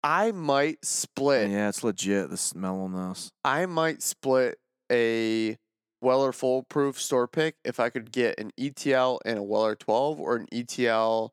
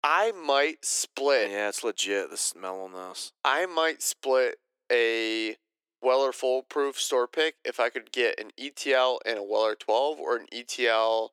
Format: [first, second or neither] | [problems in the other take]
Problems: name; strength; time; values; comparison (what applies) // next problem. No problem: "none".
first | thin; somewhat; fading below 350 Hz